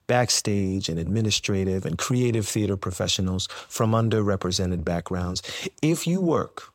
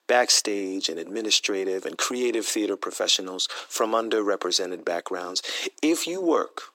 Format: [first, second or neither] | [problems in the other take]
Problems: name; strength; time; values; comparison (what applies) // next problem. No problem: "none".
first | thin; somewhat; fading below 300 Hz